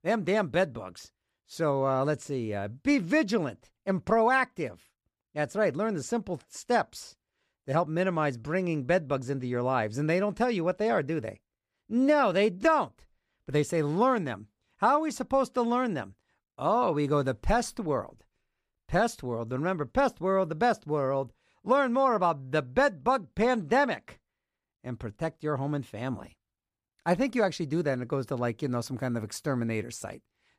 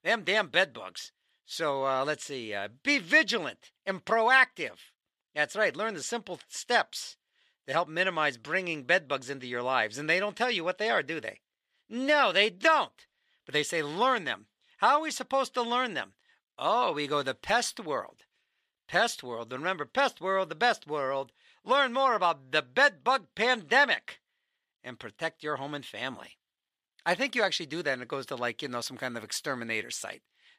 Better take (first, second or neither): first